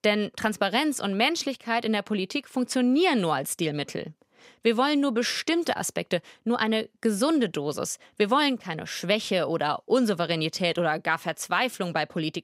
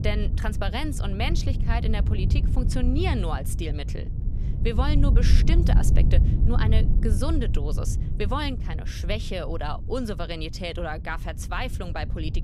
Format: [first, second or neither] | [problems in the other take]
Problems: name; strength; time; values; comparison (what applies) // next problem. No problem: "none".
first | wind noise on the microphone; heavy; 9 dB below the speech